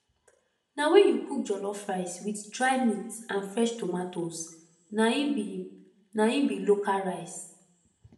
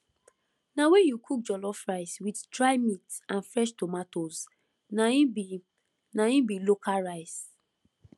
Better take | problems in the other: second | room echo; dies away in 0.6 s

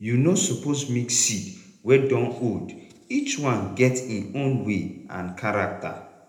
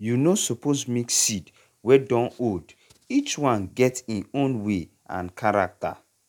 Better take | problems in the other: second | room echo; dies away in 0.7 s

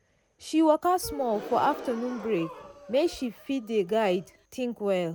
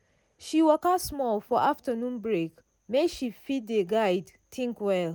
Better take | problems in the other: second | background sound (Gasp); 15 dB below the speech

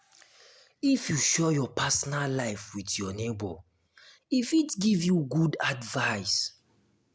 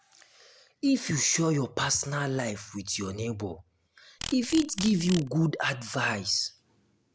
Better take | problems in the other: first | background sound (Insect); 12 dB below the speech

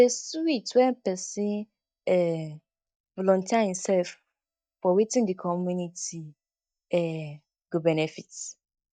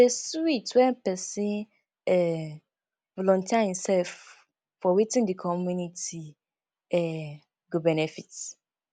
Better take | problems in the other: second | noise reduction (neural mask model DeepFilterNet 3)

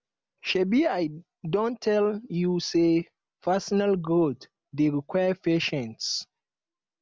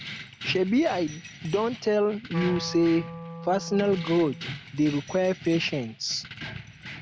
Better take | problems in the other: first | background sound (Keys jangling + Wind instrument, woodwind instrument); 12 dB below the speech

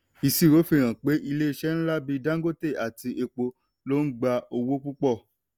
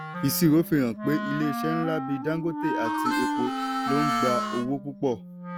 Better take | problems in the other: first | background sound (Wind instrument, woodwind instrument + Harmonica); 3 dB below the speech

